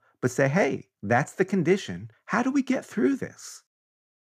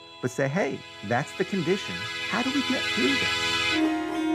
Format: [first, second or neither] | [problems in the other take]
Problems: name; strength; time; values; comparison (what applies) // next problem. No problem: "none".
first | background music; very loud; throughout; 3 dB above the speech